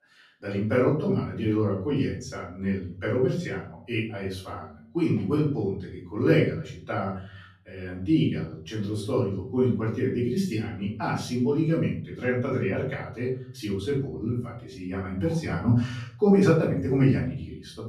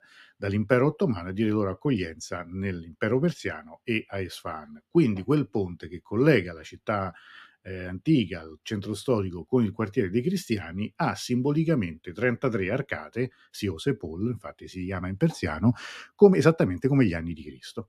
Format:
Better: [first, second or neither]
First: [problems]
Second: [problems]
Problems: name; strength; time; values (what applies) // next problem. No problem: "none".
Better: second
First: off-mic speech; far // room echo; noticeable; dies away in 0.5 s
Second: none